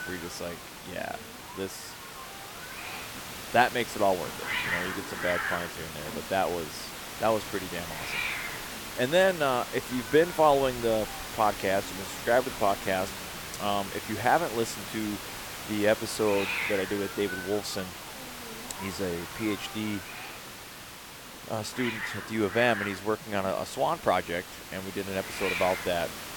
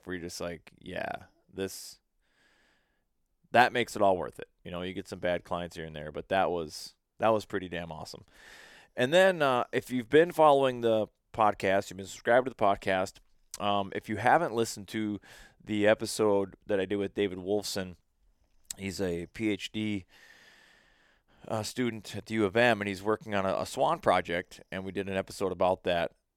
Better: second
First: hiss; loud; throughout; 7 dB below the speech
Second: none

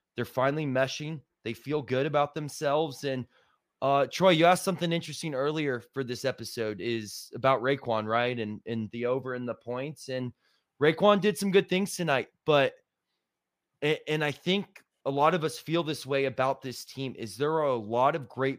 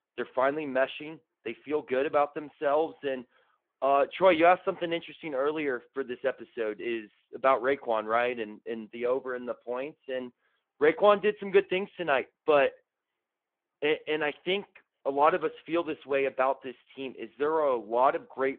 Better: first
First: none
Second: phone-call audio

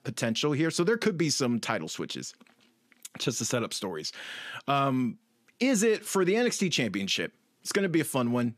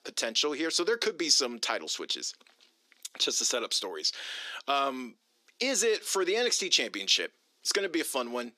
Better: first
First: none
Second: thin; somewhat; fading below 350 Hz

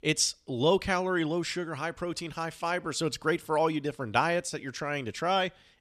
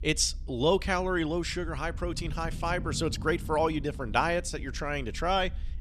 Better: first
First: none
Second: low rumble; faint; throughout; 25 dB below the speech

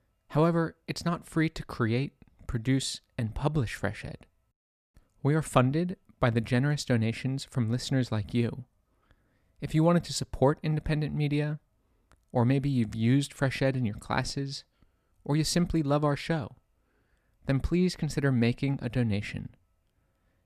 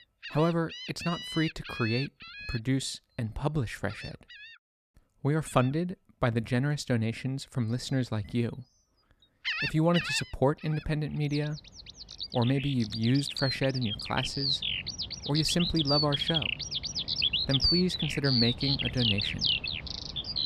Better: first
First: none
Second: animal sounds; loud; throughout; as loud as the speech

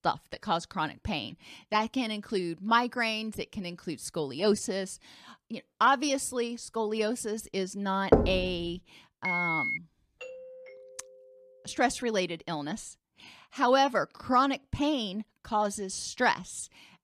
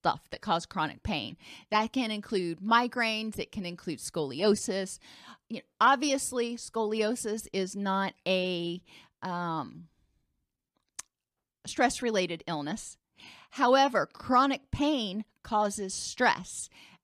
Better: second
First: door banging; loud; at 8 s; peak 5 dB above the speech // phone ringing; loud; at 9 s; peak 2 dB above the speech // doorbell; faint; from 10 to 12 s; peak 15 dB below the speech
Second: none

